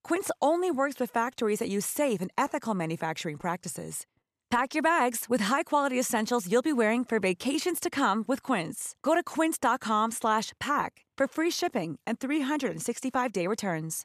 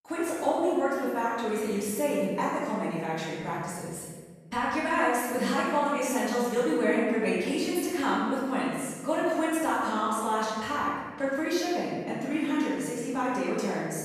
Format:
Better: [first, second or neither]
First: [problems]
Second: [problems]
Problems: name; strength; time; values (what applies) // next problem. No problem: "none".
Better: first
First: none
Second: room echo; strong; dies away in 1.4 s // off-mic speech; far